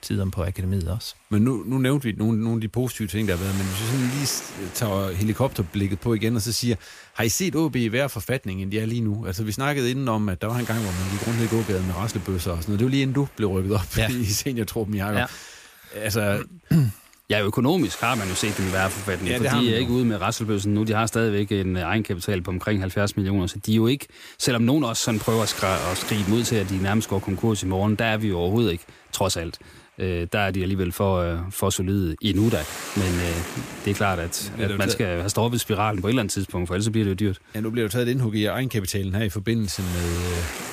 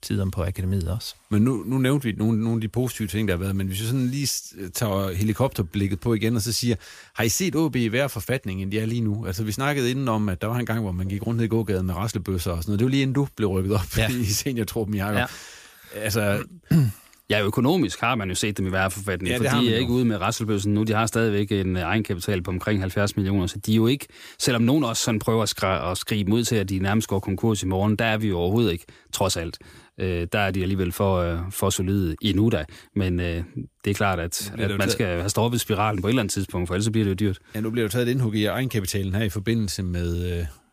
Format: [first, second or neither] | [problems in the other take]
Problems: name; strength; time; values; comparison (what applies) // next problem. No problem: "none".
second | hiss; noticeable; throughout; 10 dB below the speech